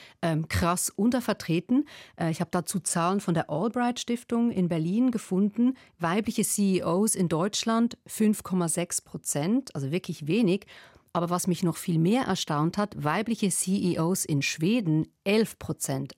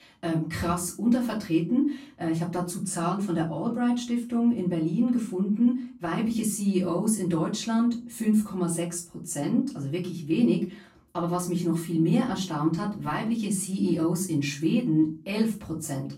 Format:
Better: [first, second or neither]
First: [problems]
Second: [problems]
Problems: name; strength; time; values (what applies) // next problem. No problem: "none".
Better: first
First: none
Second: room echo; slight; dies away in 0.3 s // off-mic speech; far